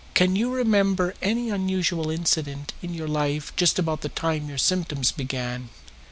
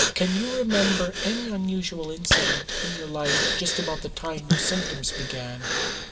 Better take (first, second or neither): first